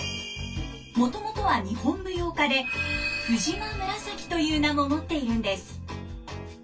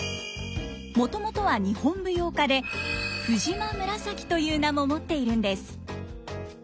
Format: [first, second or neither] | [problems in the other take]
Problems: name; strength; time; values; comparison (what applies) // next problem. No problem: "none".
second | room echo; dies away in 0.1 s